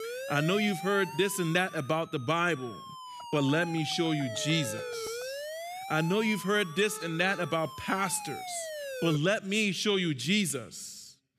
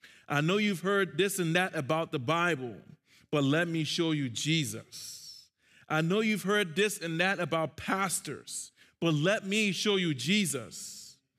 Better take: second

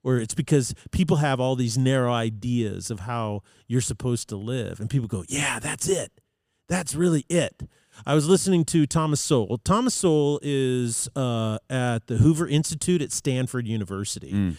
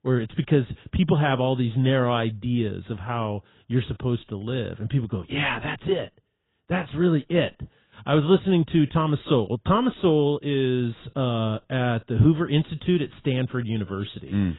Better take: first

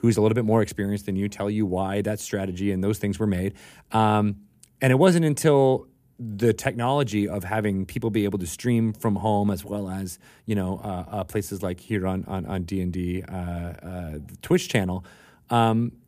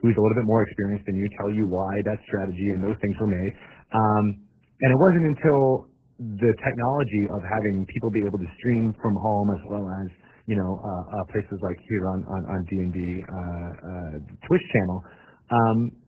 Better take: first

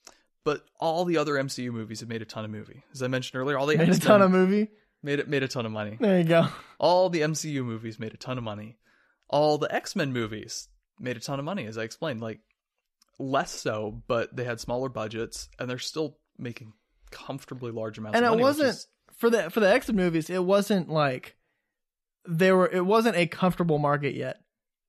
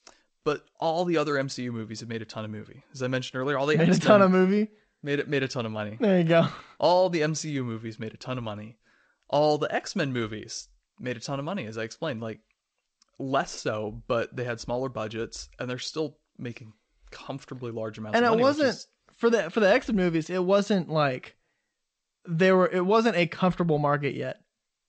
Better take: first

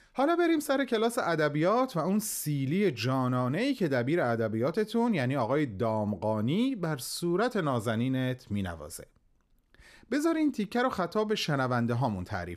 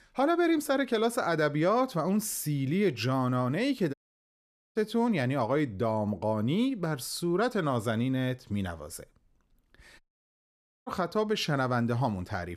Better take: first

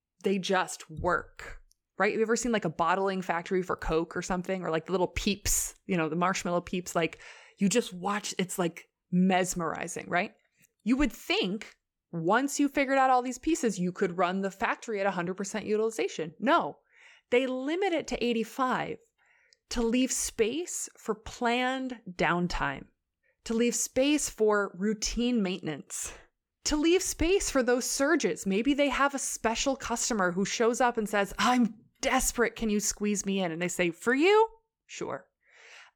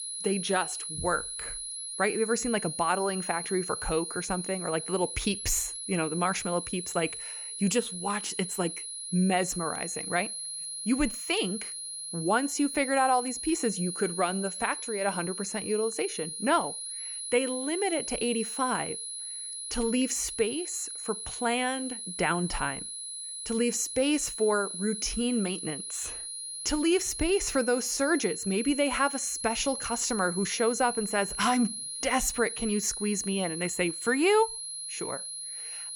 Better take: first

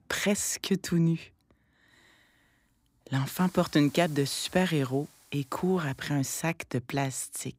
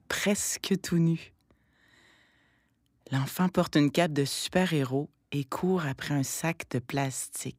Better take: second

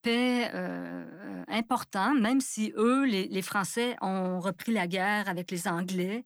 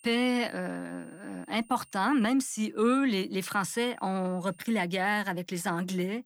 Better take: first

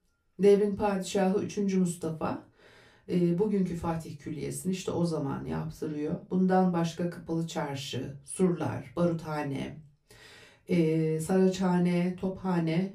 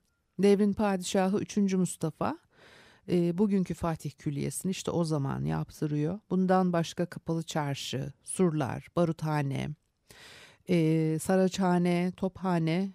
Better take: second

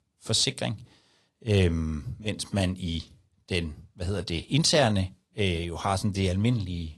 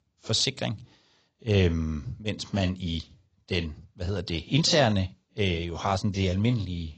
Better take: first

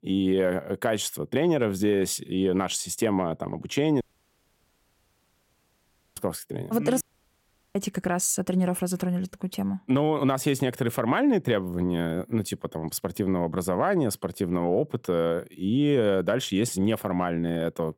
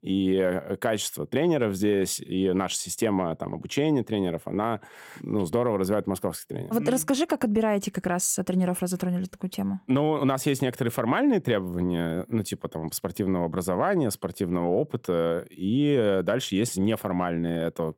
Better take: second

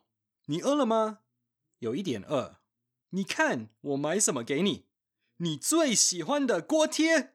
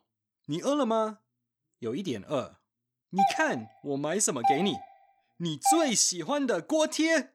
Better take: first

